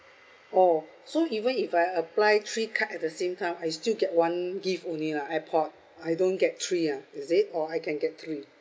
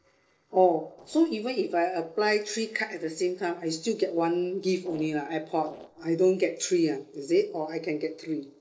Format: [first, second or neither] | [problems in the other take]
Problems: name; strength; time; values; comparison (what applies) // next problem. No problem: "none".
first | noise reduction (neural separator model SepFormer DNS4)